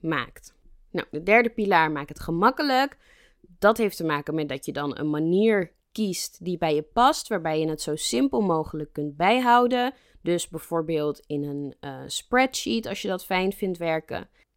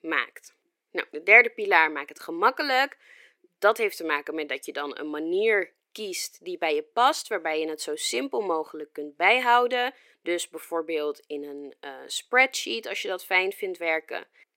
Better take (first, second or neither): first